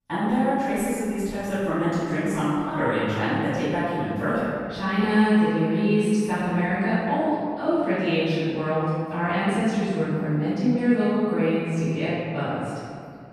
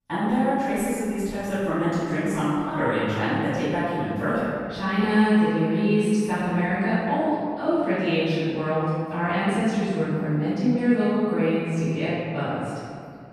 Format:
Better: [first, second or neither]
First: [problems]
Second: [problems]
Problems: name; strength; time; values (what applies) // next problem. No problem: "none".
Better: neither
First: off-mic speech; far // room echo; strong; dies away in 2.1 s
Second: off-mic speech; far // room echo; strong; dies away in 2.1 s